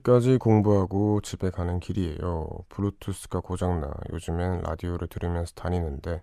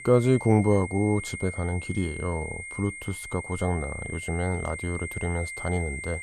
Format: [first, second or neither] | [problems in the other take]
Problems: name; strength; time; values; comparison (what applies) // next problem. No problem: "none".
first | high-pitched whine; loud; throughout; 2 kHz, 9 dB below the speech